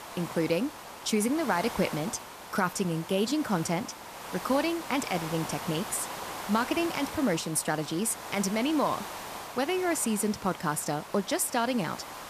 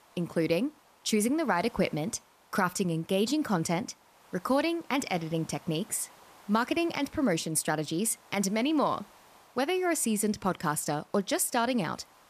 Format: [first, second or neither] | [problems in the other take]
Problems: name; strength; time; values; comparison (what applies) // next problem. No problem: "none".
second | hiss; loud; throughout; 10 dB below the speech; faint in the second